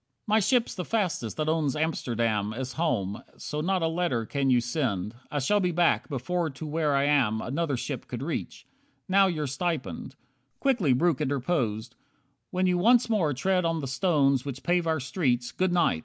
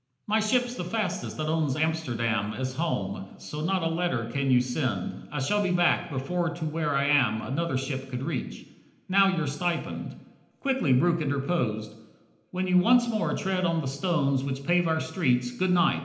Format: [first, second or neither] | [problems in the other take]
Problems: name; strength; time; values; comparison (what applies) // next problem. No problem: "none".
first | room echo; dies away in 0.9 s